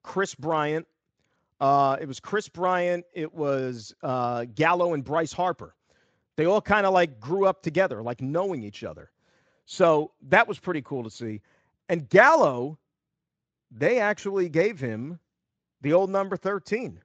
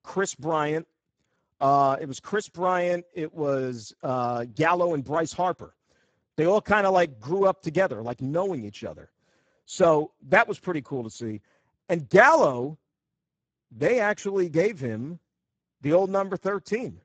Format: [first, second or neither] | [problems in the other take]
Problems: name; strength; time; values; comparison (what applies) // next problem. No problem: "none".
first | garbled, watery; badly; nothing above 7.5 kHz; slightly in the first